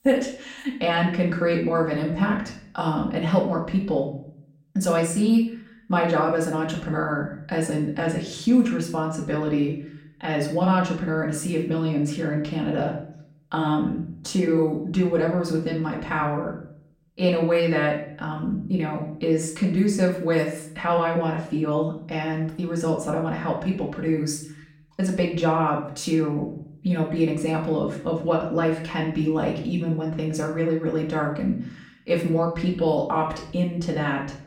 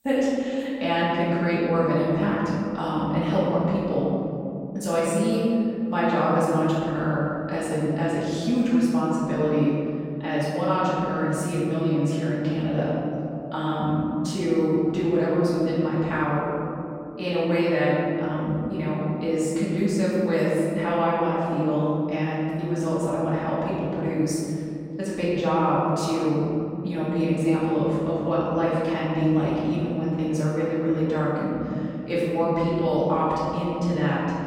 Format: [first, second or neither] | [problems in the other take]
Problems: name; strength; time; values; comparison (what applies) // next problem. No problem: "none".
first | room echo; strong; dies away in 2.9 s; slight in the first // off-mic speech; far; far in the first